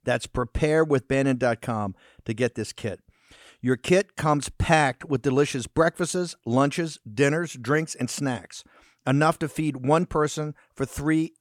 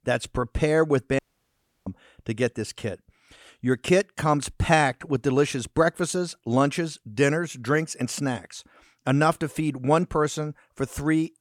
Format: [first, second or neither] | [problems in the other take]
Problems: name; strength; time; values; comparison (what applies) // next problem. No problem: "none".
first | audio cutting out; at 1 s for 0.5 s